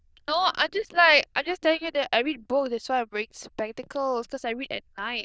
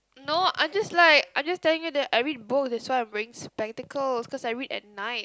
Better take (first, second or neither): second